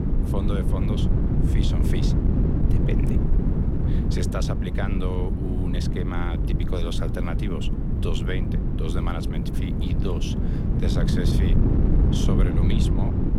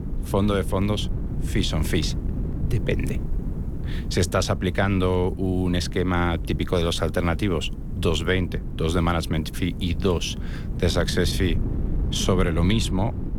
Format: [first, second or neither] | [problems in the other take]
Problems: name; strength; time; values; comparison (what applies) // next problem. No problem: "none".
second | wind noise on the microphone; heavy; 1 dB above the speech; occasional gusts in the second